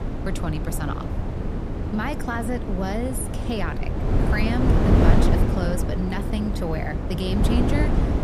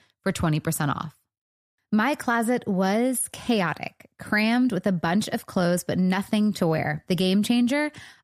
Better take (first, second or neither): second